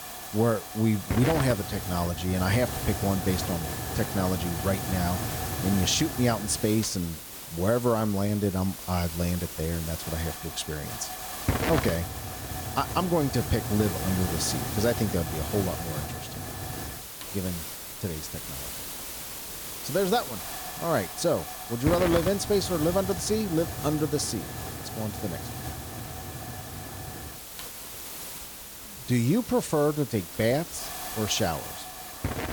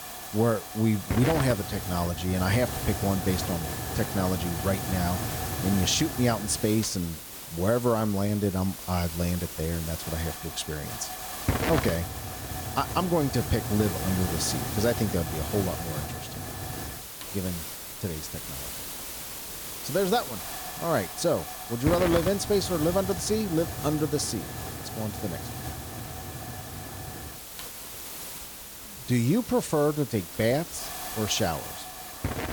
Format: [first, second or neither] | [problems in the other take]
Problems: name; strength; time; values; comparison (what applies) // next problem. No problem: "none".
neither | hiss; loud; throughout; 6 dB below the speech; the same in both